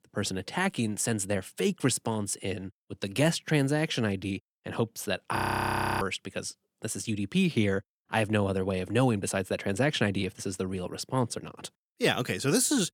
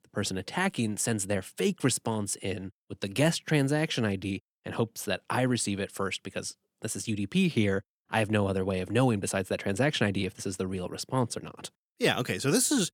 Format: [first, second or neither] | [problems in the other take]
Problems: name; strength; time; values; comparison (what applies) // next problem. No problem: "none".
second | audio freezing; at 5.5 s for 0.5 s